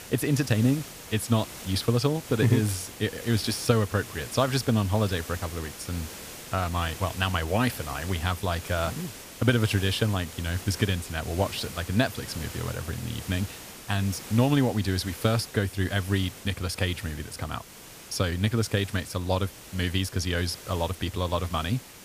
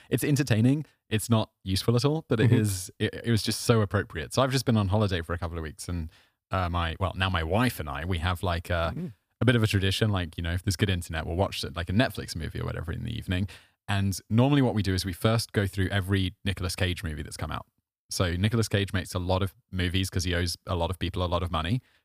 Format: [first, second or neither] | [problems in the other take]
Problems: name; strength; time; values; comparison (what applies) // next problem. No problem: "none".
second | hiss; noticeable; throughout; 15 dB below the speech